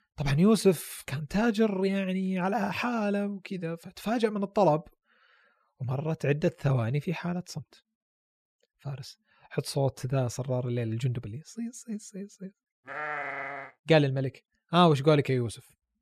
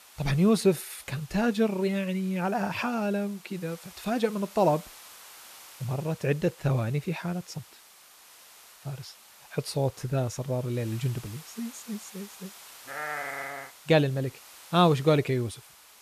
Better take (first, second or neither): first